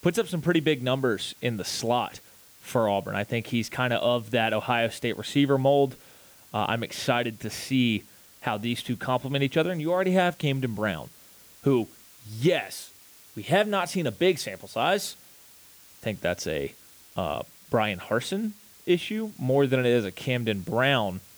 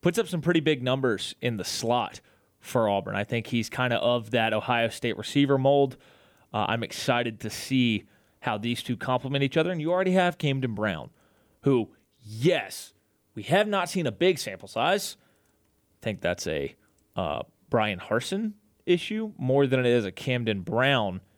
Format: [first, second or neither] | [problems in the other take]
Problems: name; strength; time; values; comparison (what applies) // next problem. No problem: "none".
second | hiss; faint; throughout; 25 dB below the speech